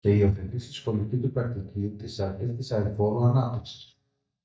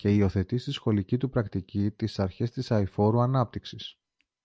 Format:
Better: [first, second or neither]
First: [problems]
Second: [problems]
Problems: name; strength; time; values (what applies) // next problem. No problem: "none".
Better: second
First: noise reduction (neural mask model DeepFilterNet 3)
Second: none